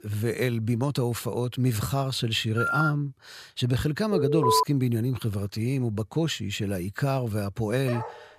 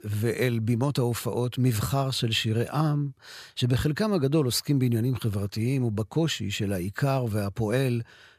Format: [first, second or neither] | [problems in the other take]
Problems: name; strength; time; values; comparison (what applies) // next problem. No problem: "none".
second | phone ringing; loud; at 2.5 s; peak 1 dB above the speech // alarm; loud; at 4 s; peak 4 dB above the speech // dog barking; noticeable; at 8 s; peak 9 dB below the speech